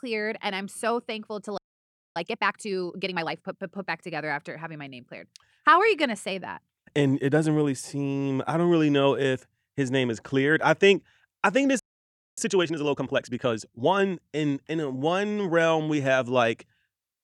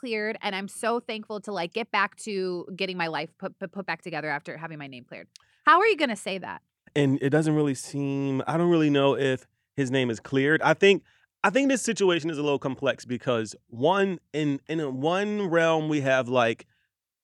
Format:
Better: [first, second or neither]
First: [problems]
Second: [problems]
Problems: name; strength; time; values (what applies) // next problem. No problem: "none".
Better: second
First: audio freezing; at 1.5 s for 0.5 s and at 12 s for 0.5 s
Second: none